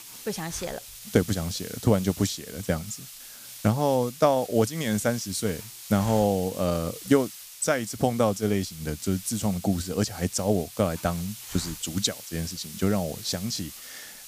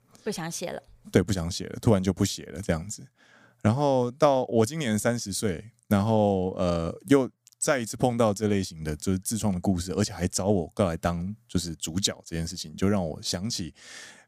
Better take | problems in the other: second | hiss; noticeable; throughout; 15 dB below the speech

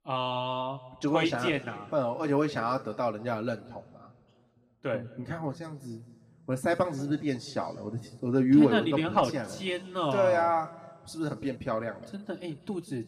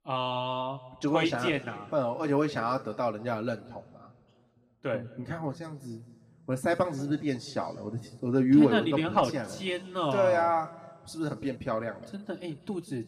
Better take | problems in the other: neither | room echo; very slight; dies away in 1.5 s; the same in both

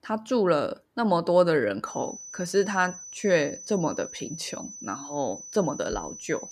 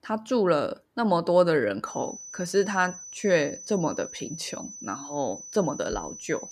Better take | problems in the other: neither | high-pitched whine; noticeable; from 2 s on; 6 kHz, 10 dB below the speech; the same in both

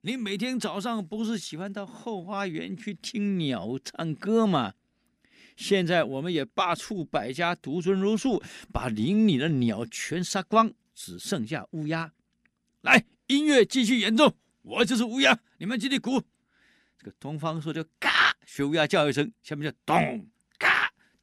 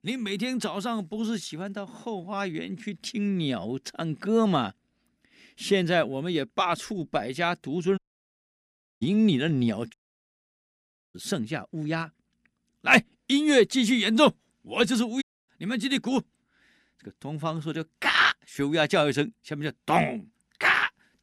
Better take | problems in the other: first | audio cutting out; at 8 s for 1 s, at 10 s for 1 s and at 15 s

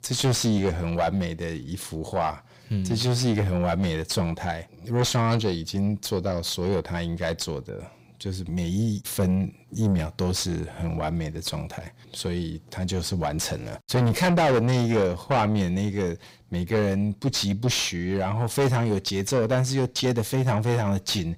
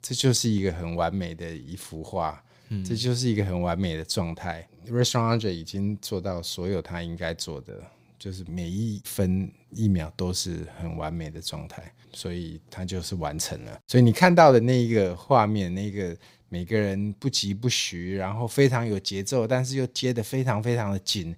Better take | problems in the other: second | distortion; heavy; 5 dB below the speech

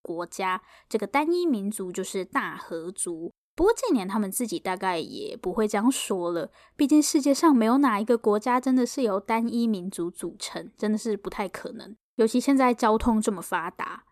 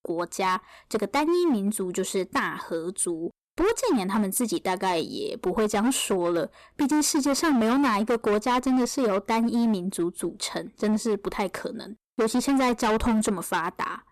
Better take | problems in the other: first | distortion; heavy; 16% of the sound clipped

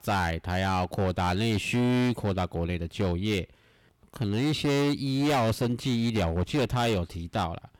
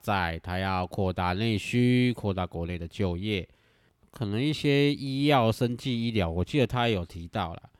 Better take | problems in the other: second | distortion; heavy; 16% of the sound clipped

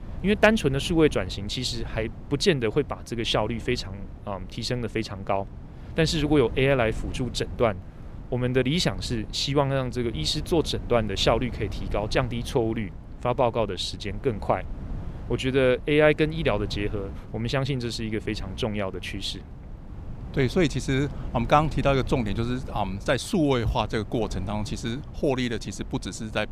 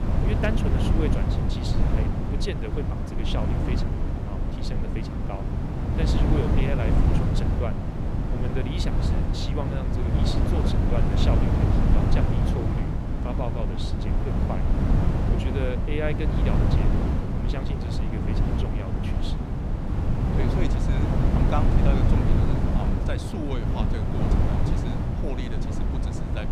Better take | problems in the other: first | wind noise on the microphone; heavy; 2 dB above the speech; occasional gusts in the first

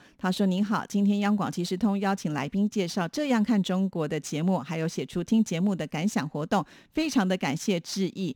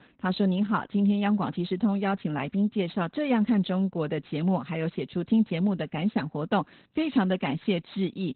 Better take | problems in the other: first | garbled, watery; badly; nothing above 4 kHz

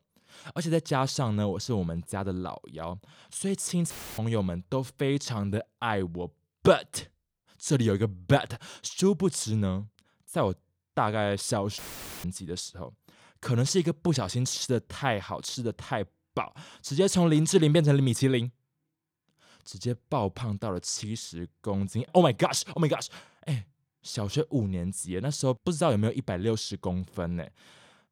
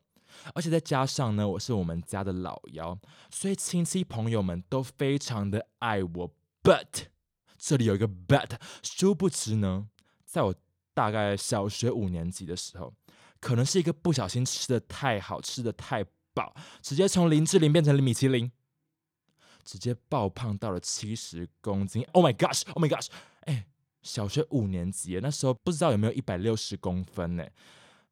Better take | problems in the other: second | audio cutting out; filled with static; at 4 s and at 12 s

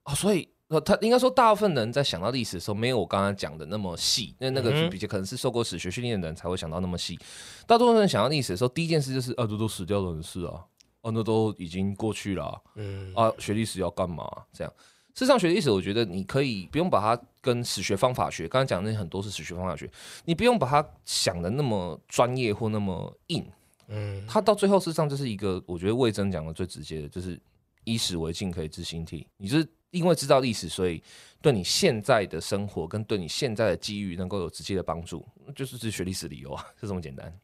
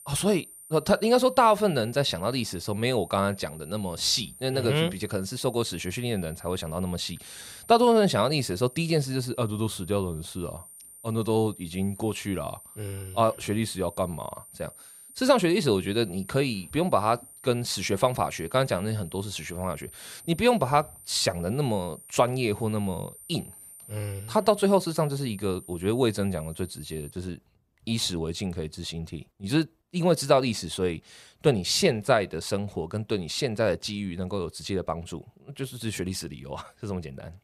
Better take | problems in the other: first | high-pitched whine; noticeable; until 27 s; 9 kHz, 20 dB below the speech

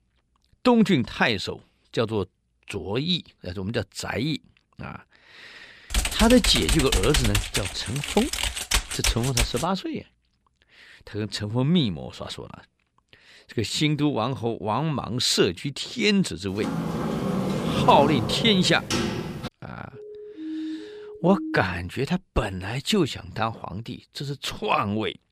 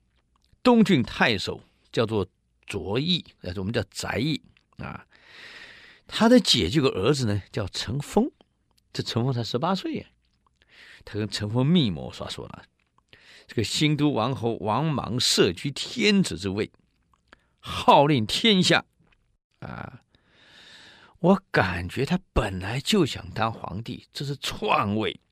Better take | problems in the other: second | keyboard typing; loud; from 6 to 9.5 s; peak 1 dB above the speech // door banging; loud; from 17 to 19 s; peak 1 dB above the speech // siren; noticeable; from 20 to 22 s; peak 8 dB below the speech

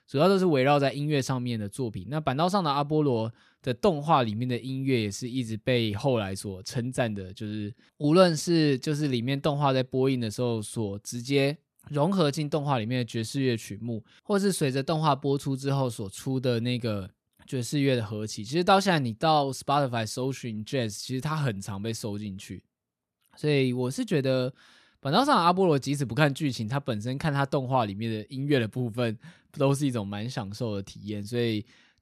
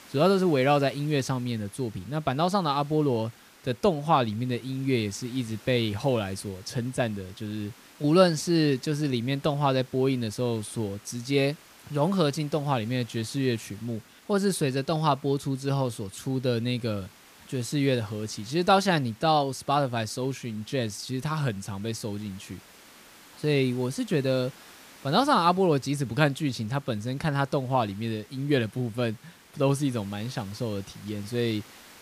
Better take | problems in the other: first | hiss; faint; throughout; 25 dB below the speech

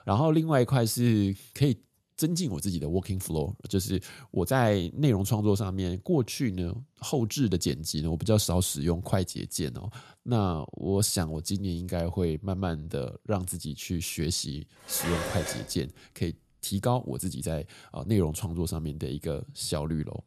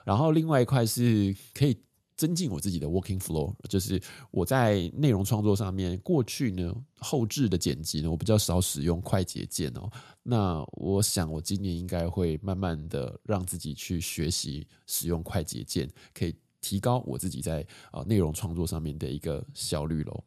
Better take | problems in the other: second | clattering dishes; noticeable; at 15 s; peak 4 dB below the speech

